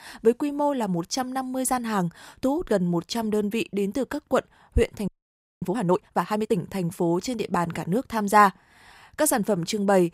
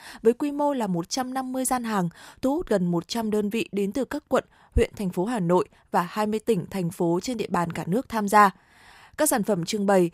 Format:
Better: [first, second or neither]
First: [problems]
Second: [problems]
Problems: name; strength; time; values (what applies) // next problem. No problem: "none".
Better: second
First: audio freezing; at 5 s for 0.5 s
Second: none